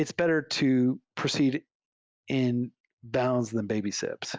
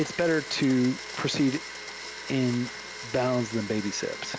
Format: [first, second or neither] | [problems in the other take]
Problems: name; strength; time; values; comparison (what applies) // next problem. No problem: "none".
first | background sound (Domestic sounds, home sounds); 11 dB below the speech